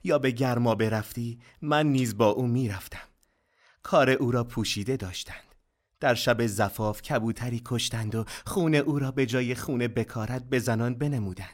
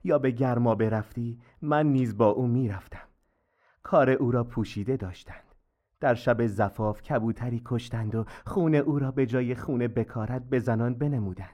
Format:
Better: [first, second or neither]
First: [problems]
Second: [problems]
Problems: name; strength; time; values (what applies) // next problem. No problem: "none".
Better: first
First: none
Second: muffled; very; fading above 2.5 kHz